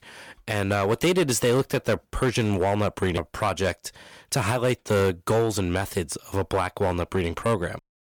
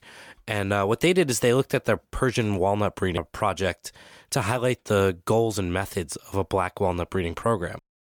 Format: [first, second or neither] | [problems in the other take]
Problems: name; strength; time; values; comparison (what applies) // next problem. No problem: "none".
second | distortion; slight; 6% of the sound clipped